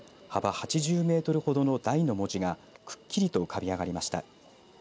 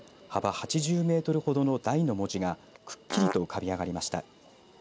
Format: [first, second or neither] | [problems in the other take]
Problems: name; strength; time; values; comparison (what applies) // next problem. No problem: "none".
first | background sound (Fart); 2 dB below the speech